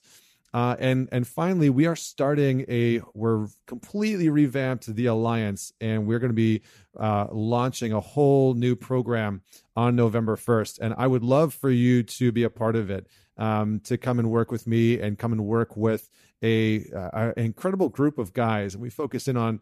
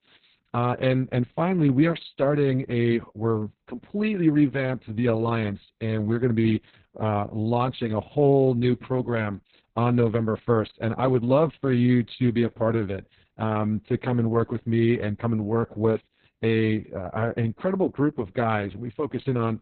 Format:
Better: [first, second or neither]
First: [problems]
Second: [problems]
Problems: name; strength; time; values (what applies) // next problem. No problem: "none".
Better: first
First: none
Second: garbled, watery; badly; nothing above 4 kHz